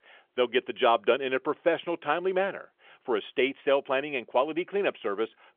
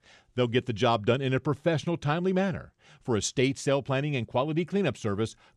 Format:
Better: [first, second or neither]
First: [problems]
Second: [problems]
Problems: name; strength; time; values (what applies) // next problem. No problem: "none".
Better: second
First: phone-call audio; nothing above 3.5 kHz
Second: none